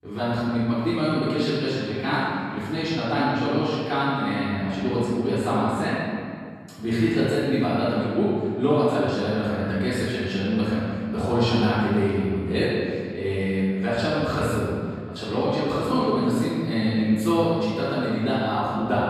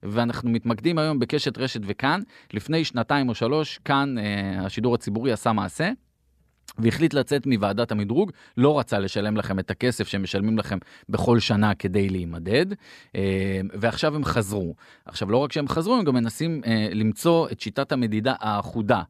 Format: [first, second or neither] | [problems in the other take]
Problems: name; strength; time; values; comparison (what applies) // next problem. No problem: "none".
second | off-mic speech; far // room echo; strong; dies away in 1.8 s